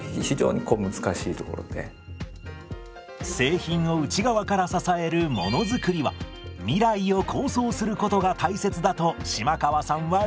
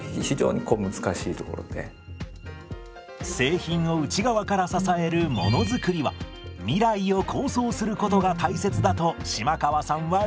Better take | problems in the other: first | background sound (Bass guitar); 4 dB below the speech

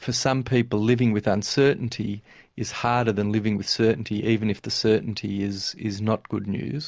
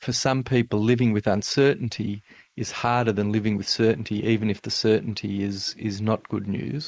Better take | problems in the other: first | noise reduction (neural mask model Resemble Enhance denoiser)

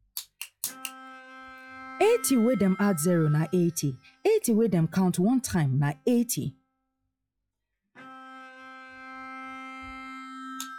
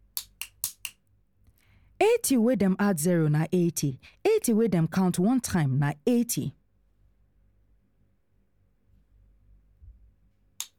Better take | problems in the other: second | noise reduction (classical method log-MMSE)

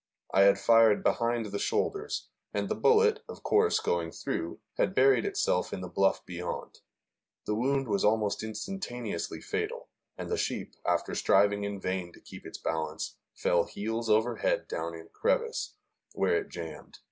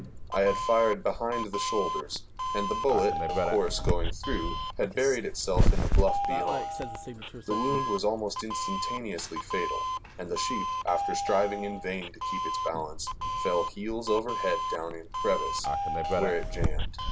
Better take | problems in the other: first | background sound (Doorbell); 1 dB above the speech

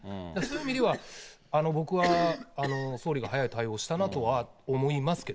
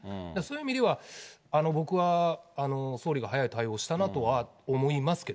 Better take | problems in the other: second | background sound (Cough); 11 dB below the speech

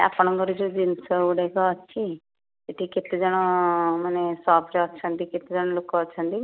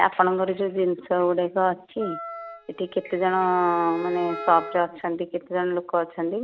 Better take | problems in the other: first | background sound (Bowed string instrument + Wind instrument, woodwind instrument); 13 dB below the speech

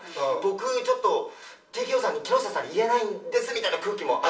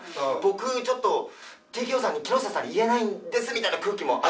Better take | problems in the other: second | room echo; dies away in 0.7 s

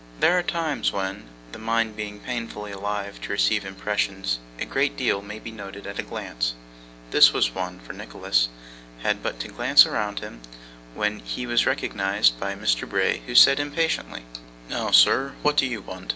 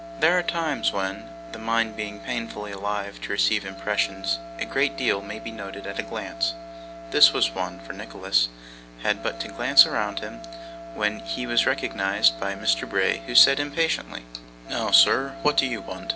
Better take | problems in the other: first | background sound (Wind instrument, woodwind instrument); 14 dB below the speech

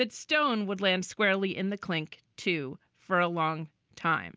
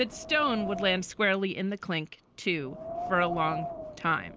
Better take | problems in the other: first | background sound (Wind); 10 dB below the speech

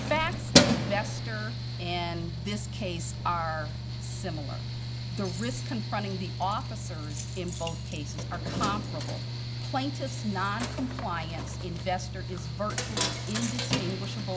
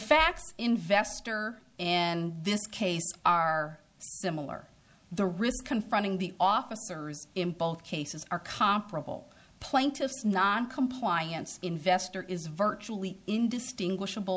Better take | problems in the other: second | background sound (Keys jangling + Mechanical fan); 3 dB above the speech

